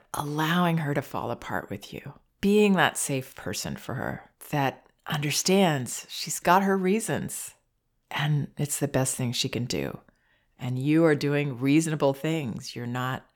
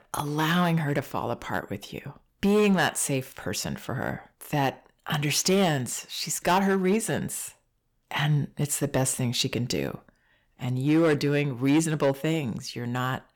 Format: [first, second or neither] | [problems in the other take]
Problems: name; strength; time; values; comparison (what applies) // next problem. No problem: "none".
first | distortion; slight; 4% of the sound clipped